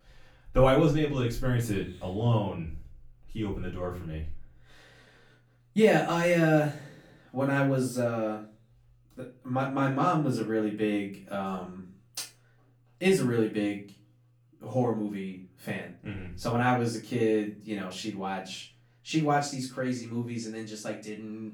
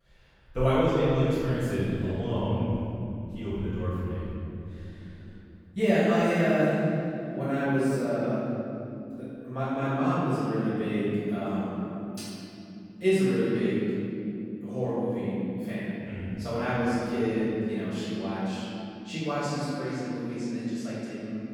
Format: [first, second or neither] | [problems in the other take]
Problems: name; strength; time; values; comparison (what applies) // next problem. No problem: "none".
first | room echo; strong; dies away in 3 s; slight in the first // off-mic speech; far; far in the first